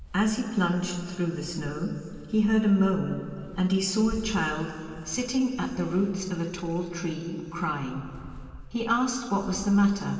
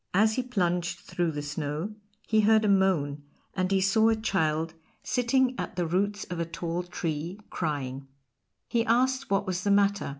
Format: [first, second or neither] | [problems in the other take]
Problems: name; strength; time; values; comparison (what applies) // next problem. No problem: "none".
second | background sound (Walk, footsteps); 18 dB below the speech // room echo; dies away in 2.6 s